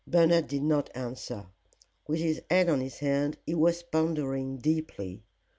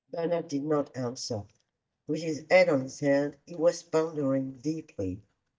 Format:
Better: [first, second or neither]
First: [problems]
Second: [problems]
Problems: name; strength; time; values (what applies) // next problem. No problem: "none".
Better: first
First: none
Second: noise reduction (neural mask model DeepFilterNet 3)